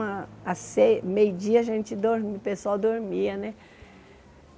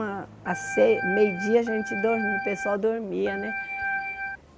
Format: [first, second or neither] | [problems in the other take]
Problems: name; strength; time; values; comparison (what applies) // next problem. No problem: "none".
first | background sound (Organ); 5 dB below the speech